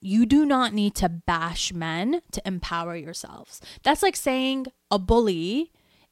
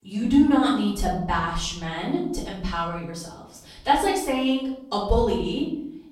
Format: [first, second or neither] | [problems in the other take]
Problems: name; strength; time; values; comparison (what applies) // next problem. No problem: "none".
first | off-mic speech; far // room echo; noticeable; dies away in 0.7 s